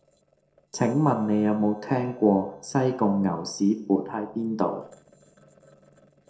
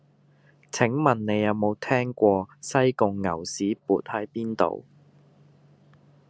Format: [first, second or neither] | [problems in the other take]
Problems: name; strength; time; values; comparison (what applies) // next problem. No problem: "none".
second | noise reduction (neural separator model SepFormer DNS4)